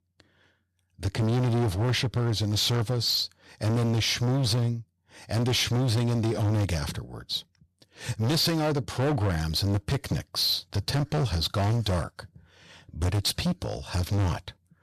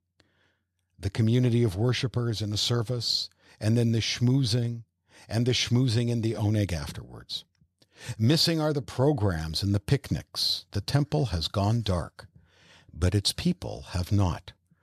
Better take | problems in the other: second | distortion; heavy; 20% of the sound clipped

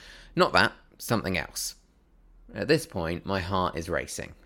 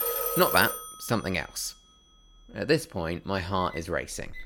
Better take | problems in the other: first | alarms or sirens; loud; throughout; 1 dB below the speech

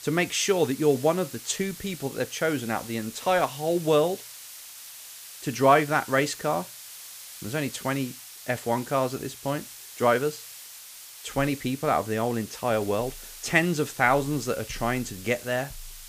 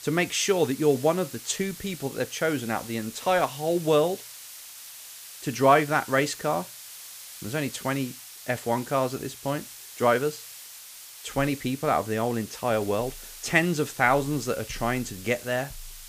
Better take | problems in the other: neither | hiss; noticeable; throughout; 15 dB below the speech; the same in both

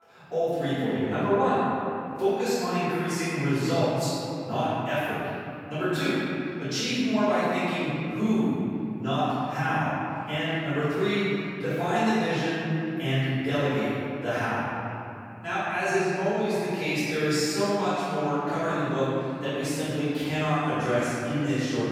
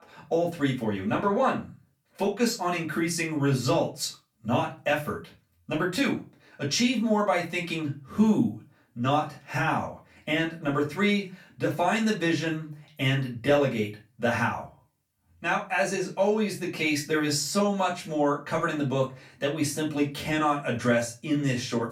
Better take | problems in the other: second | room echo; strong; dies away in 2.9 s; slight in the second // off-mic speech; far; far in the second

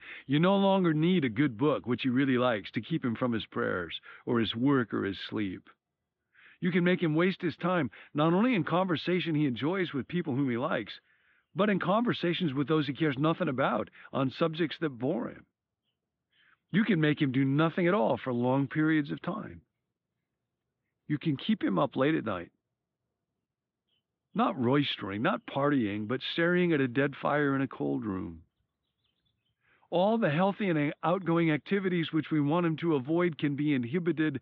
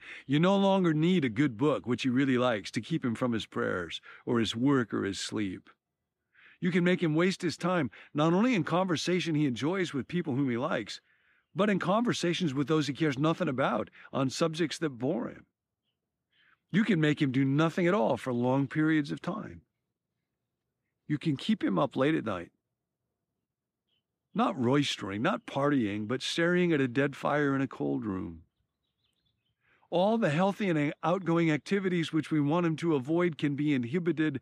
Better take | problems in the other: second | muffled; slightly; fading above 3.5 kHz

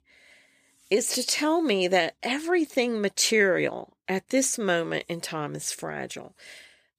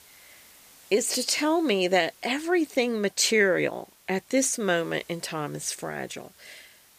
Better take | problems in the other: first | hiss; faint; throughout; 25 dB below the speech

